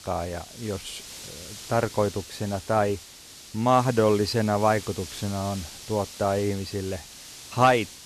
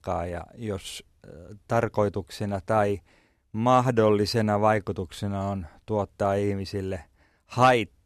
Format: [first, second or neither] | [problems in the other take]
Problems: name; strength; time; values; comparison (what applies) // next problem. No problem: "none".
second | hiss; noticeable; throughout; 15 dB below the speech